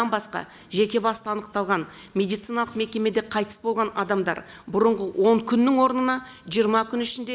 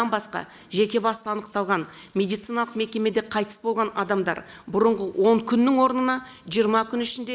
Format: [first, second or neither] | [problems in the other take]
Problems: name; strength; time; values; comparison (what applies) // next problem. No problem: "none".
first | noise reduction (neural mask model Resemble Enhance denoiser)